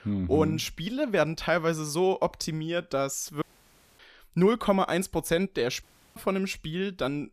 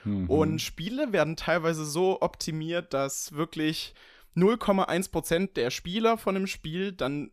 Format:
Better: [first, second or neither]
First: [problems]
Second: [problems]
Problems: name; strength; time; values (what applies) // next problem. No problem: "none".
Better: second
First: audio cutting out; at 3.5 s for 0.5 s and at 6 s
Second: none